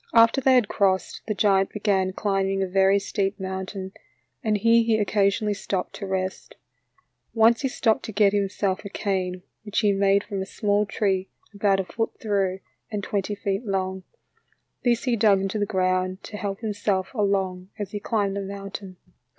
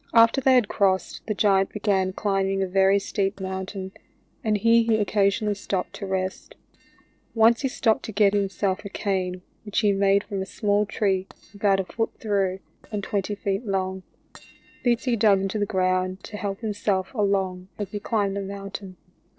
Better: first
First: none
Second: noise reduction (neural separator model SepFormer DNS4)

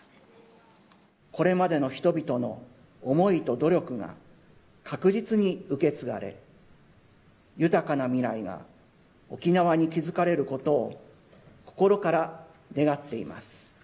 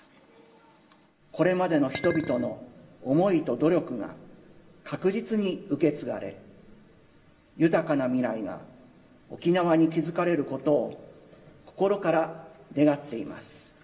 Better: first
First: none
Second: background sound (Chink, clink); 11 dB below the speech // room echo; dies away in 1.8 s

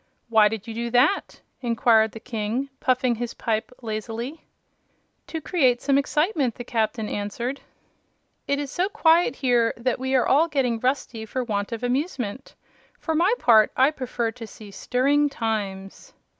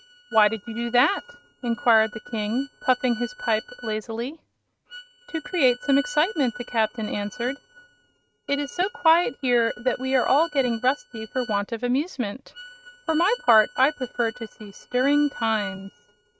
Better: first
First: none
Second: noise reduction (neural mask model RNNoise)

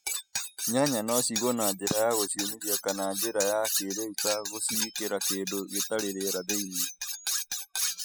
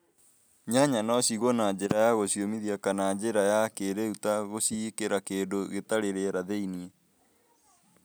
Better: second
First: noise reduction (classical method spectral subtraction)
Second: none

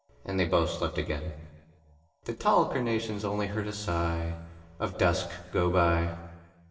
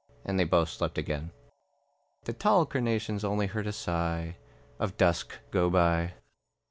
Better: second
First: room echo; dies away in 1.2 s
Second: none

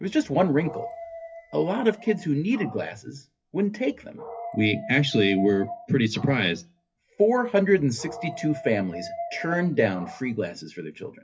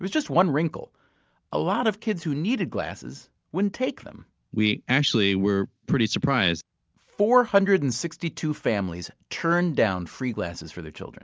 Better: second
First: noise reduction (classical method WPE with log-MMSE)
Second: none

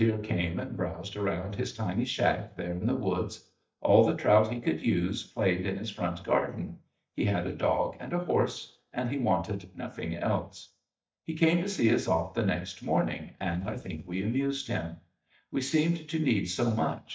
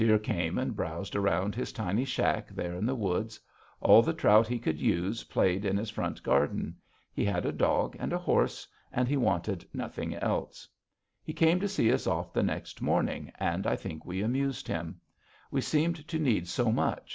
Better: second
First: noise reduction (neural mask model DeepFilterNet 3)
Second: none

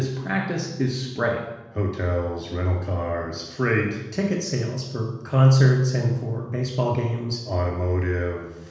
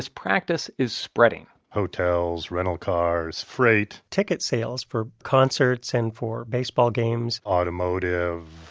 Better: second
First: room echo; dies away in 1.1 s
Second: none

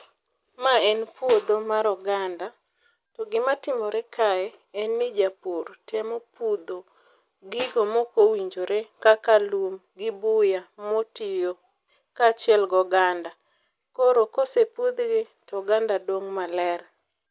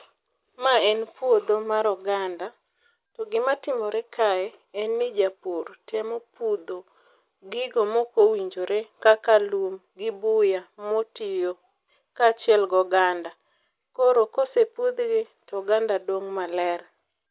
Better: second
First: background sound (Snare drum); 19 dB below the speech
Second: none

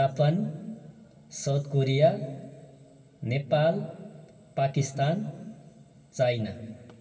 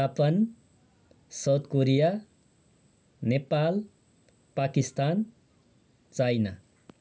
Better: second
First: room echo; dies away in 2.9 s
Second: none

